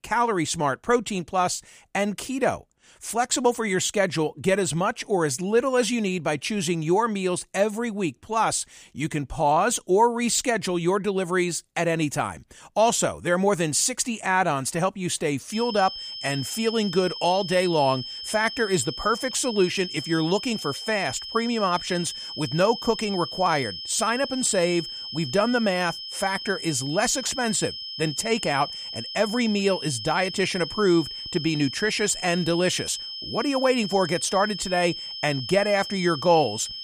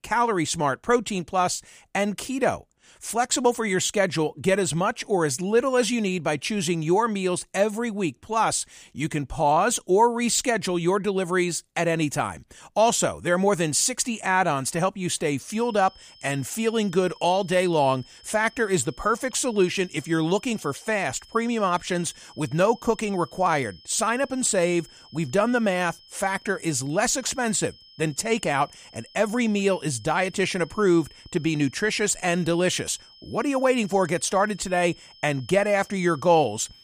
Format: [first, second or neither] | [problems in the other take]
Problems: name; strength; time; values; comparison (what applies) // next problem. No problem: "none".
second | high-pitched whine; loud; from 16 s on; 5 kHz, 8 dB below the speech; faint in the second